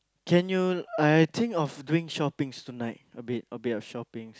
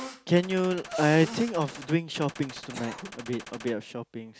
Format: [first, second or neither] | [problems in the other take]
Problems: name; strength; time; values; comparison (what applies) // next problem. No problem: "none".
first | background sound (Gunshot, gunfire + Cough); 15 dB below the speech